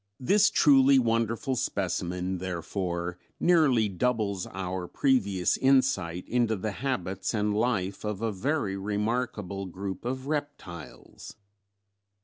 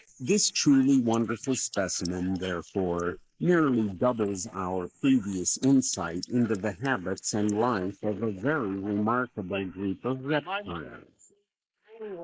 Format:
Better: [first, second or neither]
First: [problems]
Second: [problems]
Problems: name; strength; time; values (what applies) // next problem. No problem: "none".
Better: first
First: none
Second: noise reduction (neural mask model Resemble Enhance denoiser)